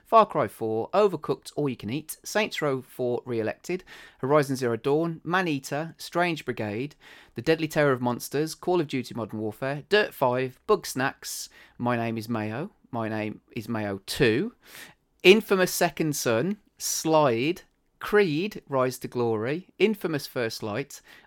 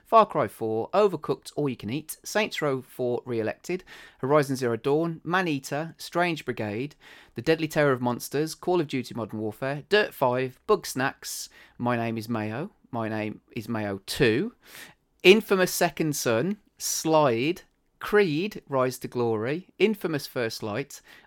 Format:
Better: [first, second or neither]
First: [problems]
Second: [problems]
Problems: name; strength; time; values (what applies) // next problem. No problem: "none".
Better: neither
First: none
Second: none